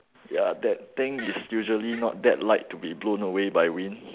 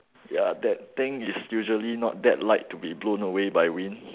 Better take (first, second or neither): second